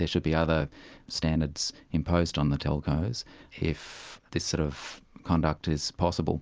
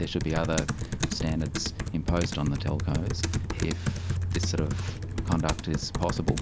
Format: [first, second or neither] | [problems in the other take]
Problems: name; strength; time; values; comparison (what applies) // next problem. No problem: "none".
first | background sound (Computer keyboard); as loud as the speech